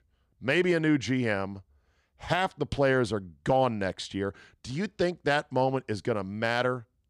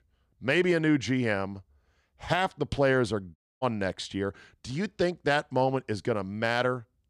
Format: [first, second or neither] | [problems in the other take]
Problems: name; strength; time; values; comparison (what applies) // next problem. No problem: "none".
first | audio cutting out; at 3.5 s